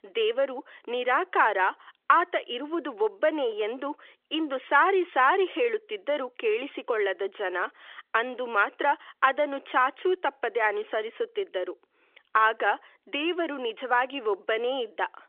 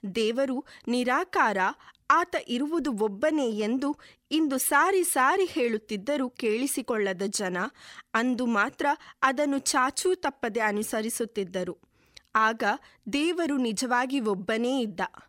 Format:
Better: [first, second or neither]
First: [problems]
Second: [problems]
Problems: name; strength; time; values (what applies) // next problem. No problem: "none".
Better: second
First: phone-call audio; nothing above 3.5 kHz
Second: none